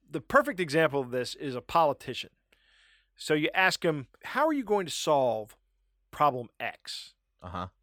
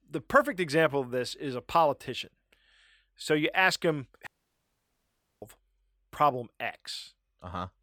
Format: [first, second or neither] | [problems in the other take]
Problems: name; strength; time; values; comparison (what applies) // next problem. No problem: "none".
first | audio cutting out; at 4.5 s for 1 s